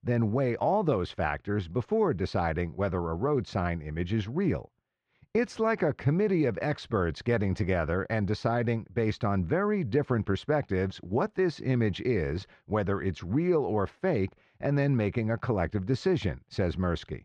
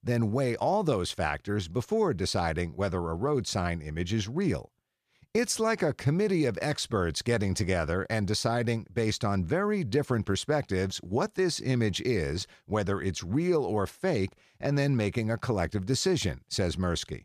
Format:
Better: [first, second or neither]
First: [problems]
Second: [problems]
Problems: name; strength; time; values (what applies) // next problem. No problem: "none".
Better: second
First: muffled; slightly; fading above 2.5 kHz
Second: none